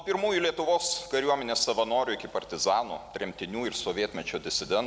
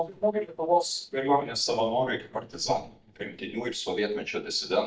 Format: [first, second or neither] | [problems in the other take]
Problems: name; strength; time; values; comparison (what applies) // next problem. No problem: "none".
first | noise reduction (neural mask model DeepFilterNet 3)